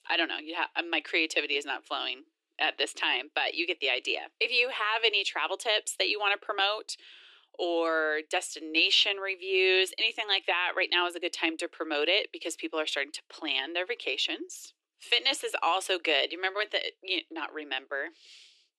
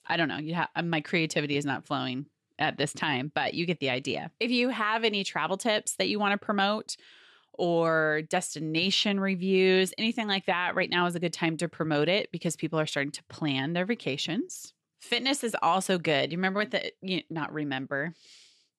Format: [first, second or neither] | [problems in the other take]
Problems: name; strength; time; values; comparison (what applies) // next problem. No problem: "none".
second | thin; very; fading below 300 Hz